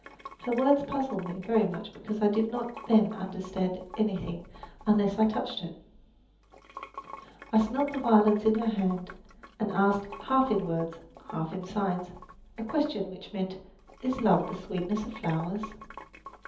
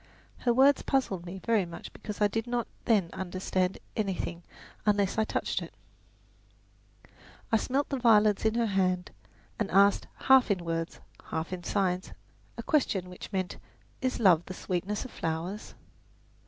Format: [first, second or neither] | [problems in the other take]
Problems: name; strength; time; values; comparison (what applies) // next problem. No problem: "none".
second | background sound (Sink (filling or washing) / Water); 18 dB below the speech // room echo; dies away in 0.7 s